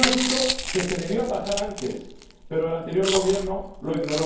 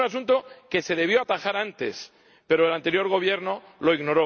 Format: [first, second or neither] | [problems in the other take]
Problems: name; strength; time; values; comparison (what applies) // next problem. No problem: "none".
second | background sound (Chewing, mastication); 4 dB below the speech // room echo; dies away in 0.9 s